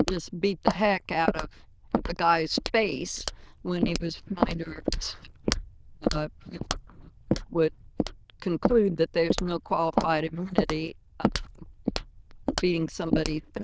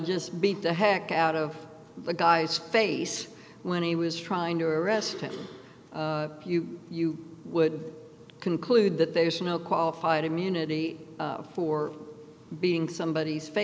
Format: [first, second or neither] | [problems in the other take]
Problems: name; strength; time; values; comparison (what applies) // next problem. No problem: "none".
second | noise reduction (neural diffusion model UNIVERSE++)